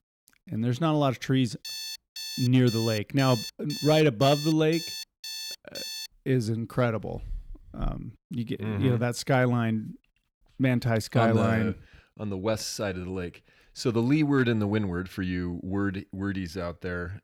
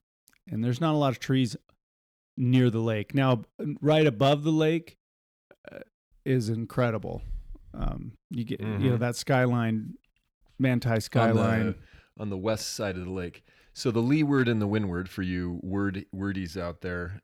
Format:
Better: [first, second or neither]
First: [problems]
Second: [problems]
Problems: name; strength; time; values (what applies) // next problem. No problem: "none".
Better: second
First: alarm; noticeable; from 1.5 to 6 s; peak 7 dB below the speech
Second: none